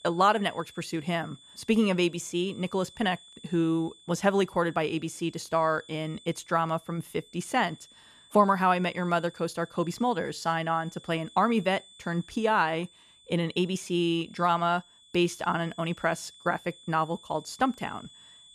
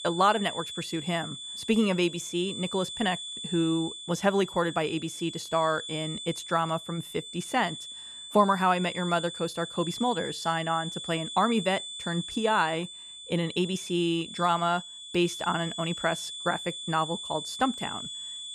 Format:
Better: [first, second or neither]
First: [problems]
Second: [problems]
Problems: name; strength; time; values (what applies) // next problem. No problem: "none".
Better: first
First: high-pitched whine; faint; throughout; 3.5 kHz, 25 dB below the speech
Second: high-pitched whine; loud; throughout; 3.5 kHz, 8 dB below the speech